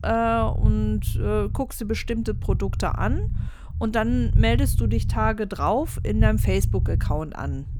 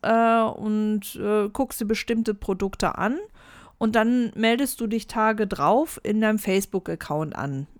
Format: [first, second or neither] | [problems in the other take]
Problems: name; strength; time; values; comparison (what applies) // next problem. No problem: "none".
second | low rumble; noticeable; throughout; 15 dB below the speech